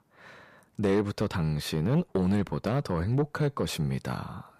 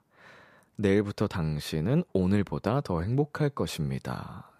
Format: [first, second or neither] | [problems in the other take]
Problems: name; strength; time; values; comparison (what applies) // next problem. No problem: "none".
second | distortion; slight; 10 dB below the speech